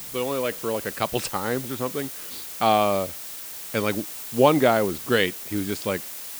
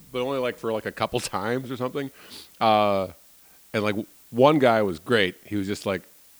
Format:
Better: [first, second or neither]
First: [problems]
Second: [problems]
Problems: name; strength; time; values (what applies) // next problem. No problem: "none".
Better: second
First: hiss; loud; throughout; 9 dB below the speech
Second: hiss; faint; throughout; 25 dB below the speech